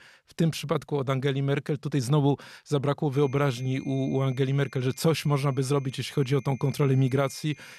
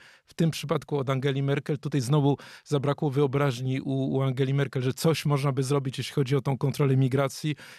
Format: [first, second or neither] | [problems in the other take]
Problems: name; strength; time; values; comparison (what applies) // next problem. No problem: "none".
second | high-pitched whine; faint; from 3 s on; 2.5 kHz, 25 dB below the speech